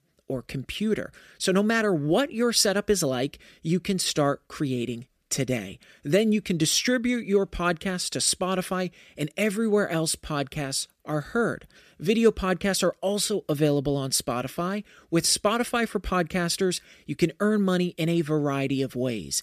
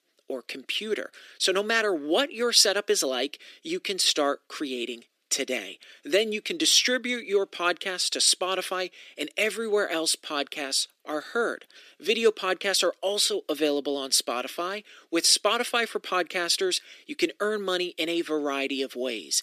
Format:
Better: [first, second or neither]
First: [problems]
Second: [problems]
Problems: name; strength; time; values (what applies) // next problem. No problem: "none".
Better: first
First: none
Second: thin; somewhat; fading below 300 Hz